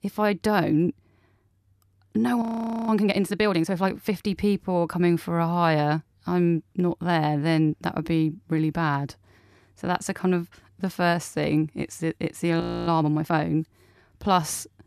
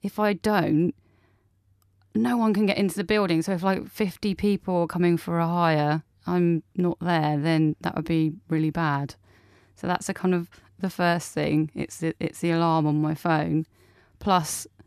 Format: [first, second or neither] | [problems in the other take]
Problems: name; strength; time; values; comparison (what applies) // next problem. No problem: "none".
second | audio freezing; at 2.5 s and at 13 s